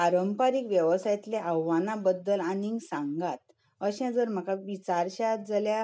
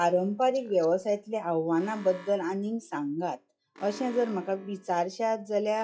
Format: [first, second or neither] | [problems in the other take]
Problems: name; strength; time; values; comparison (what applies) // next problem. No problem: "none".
first | noise reduction (classical method log-MMSE)